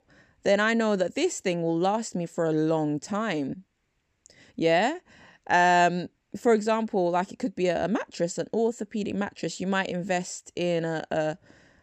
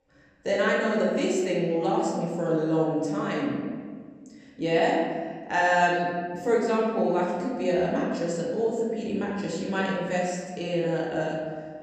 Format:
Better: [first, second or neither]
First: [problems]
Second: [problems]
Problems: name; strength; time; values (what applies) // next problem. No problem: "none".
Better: first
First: none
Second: room echo; noticeable; dies away in 1.5 s // off-mic speech; far